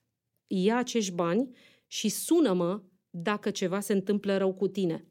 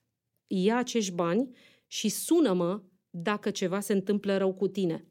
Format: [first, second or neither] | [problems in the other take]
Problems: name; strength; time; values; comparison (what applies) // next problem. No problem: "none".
neither | none